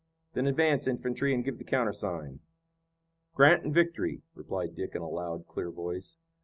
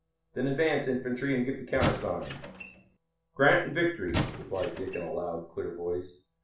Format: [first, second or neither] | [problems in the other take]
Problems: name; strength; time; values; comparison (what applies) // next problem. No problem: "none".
first | background sound (Squeak / Wood); 5 dB below the speech // room echo; dies away in 0.3 s